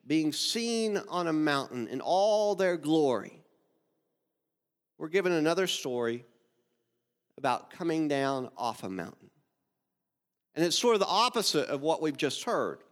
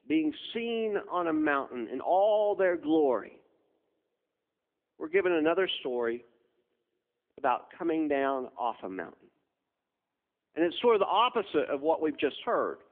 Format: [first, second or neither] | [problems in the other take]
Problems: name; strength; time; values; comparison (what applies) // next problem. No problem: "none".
first | phone-call audio; nothing above 3.5 kHz